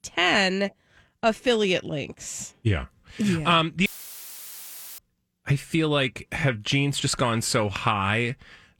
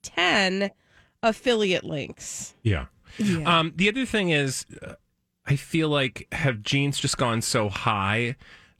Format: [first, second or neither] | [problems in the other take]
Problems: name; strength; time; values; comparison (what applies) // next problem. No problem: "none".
second | audio cutting out; filled with static; at 4 s for 1 s